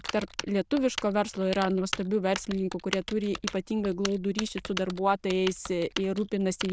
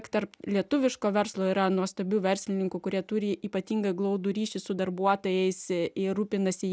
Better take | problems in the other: second | noise reduction (neural diffusion model UNIVERSE++)

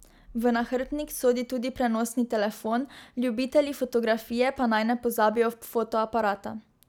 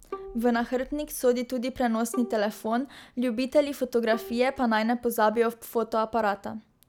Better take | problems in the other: first | background sound (Bowed string instrument); 19 dB below the speech

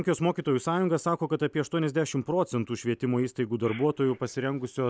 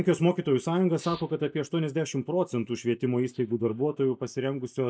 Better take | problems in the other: first | noise reduction (neural mask model DeepFilterNet 3)

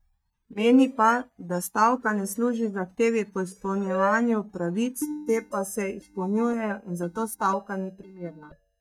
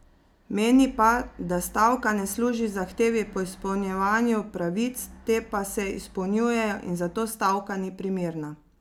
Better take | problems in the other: second | noise reduction (neural mask model DeepFilterNet 3)

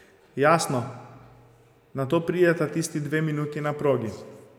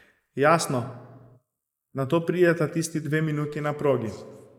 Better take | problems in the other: first | noise reduction (neural mask model Resemble Enhance denoiser)

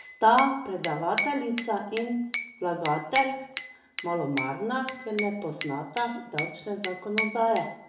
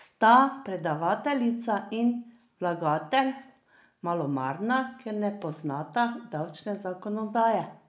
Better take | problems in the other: second | background sound (Glass / Bell); 8 dB below the speech // room echo; dies away in 0.6 s

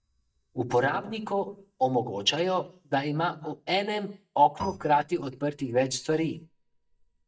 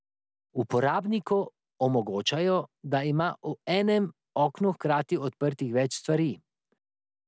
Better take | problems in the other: second | noise reduction (neural mask model DeepFilterNet 3)

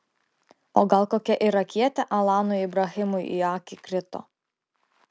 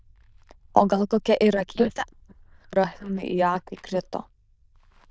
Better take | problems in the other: first | noise reduction (neural diffusion model UNIVERSE++)

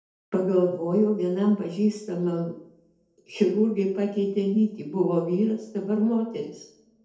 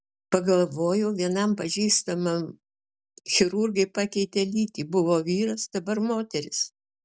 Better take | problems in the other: second | room echo; dies away in 2.1 s

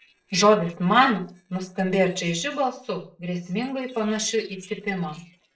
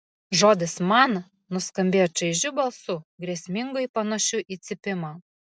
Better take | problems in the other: second | noise reduction (neural separator model SepFormer DNS4)

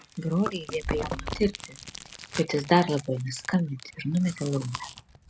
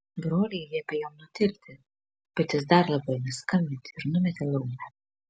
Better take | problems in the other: second | background sound (Chewing, mastication); 10 dB below the speech

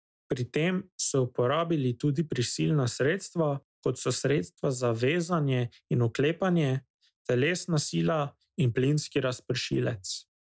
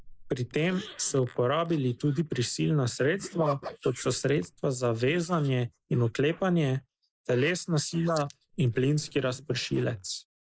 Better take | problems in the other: first | noise reduction (neural mask model Resemble Enhance denoiser)

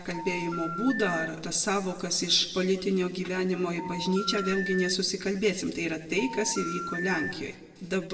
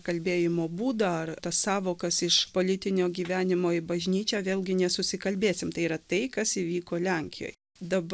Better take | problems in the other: second | background sound (Telephone); 8 dB below the speech // room echo; dies away in 1.2 s

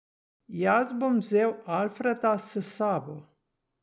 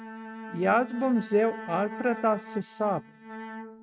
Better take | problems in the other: first | noise reduction (neural mask model RNNoise)

